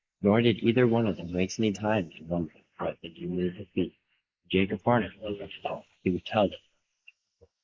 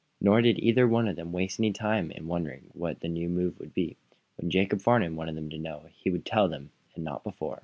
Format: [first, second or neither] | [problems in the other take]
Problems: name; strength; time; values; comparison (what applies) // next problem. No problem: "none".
second | noise reduction (neural mask model Resemble Enhance denoiser)